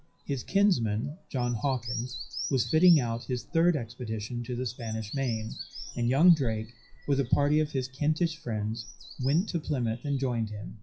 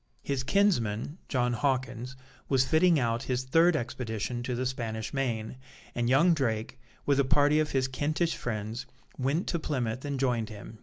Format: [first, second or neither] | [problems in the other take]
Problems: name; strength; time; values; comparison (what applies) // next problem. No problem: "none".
second | noise reduction (classical method WPE with log-MMSE)